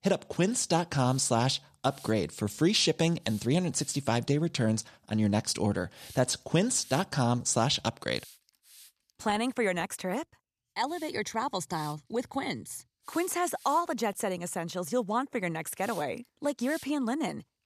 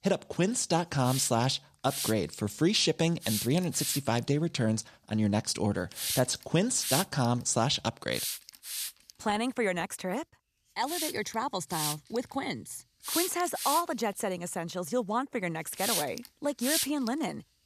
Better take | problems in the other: first | hiss; loud; throughout; 3 dB below the speech; faint in the first

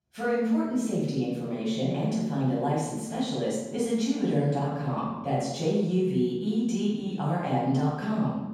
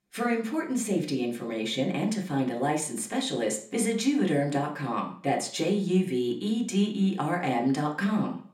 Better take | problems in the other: second | room echo; strong; dies away in 1.3 s; slight in the second // off-mic speech; far; somewhat distant in the second

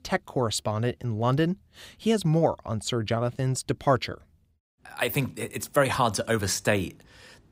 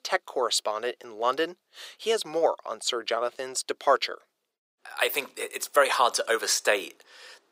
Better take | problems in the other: first | thin; very; fading below 450 Hz

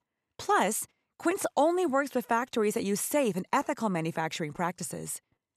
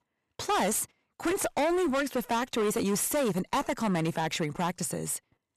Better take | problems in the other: first | distortion; heavy; 18% of the sound clipped

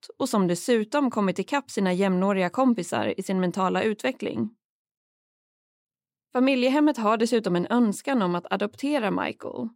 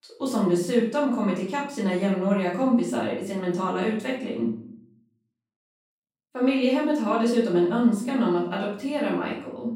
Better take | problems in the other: first | off-mic speech; far // room echo; noticeable; dies away in 0.5 s

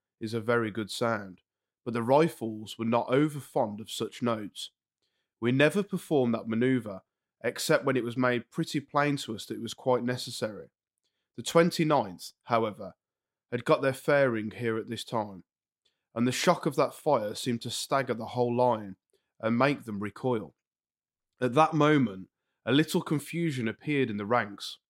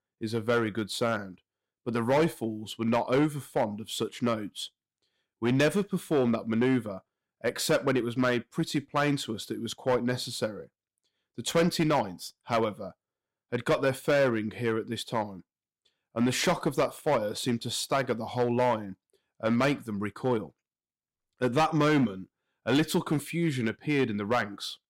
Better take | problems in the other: first | distortion; slight; 4% of the sound clipped

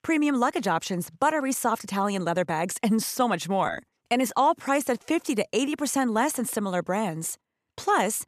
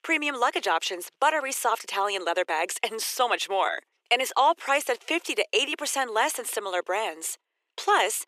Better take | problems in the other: first | thin; very; fading below 350 Hz

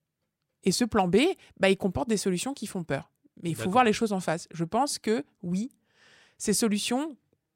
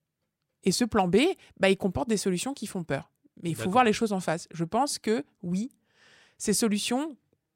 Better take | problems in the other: neither | none

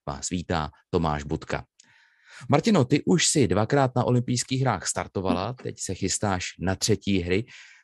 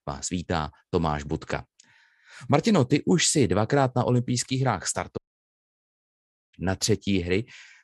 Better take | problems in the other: first | audio cutting out; at 5 s for 1.5 s

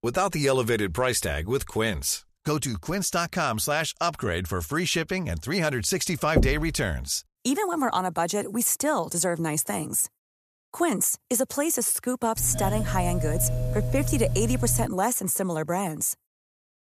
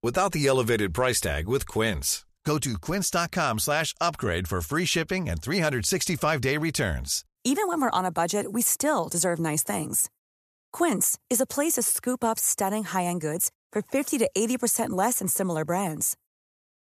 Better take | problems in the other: second | door banging; loud; at 6.5 s; peak level with the speech // doorbell; noticeable; from 12 to 15 s; peak 3 dB below the speech

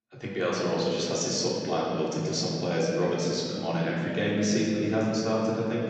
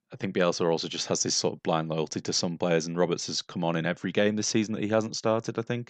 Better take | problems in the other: second | off-mic speech; far // room echo; noticeable; dies away in 3 s

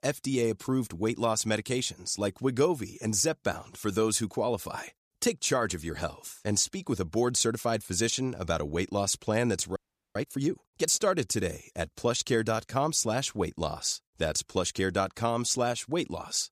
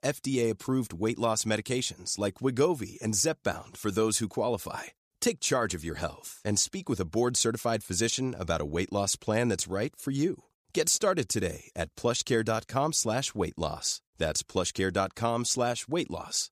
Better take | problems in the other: second | audio freezing; at 10 s

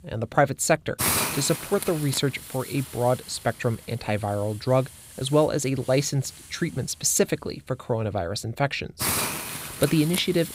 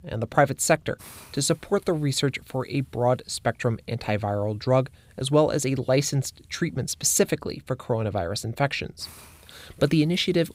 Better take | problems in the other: second | hiss; loud; throughout; 3 dB below the speech; faint in the second

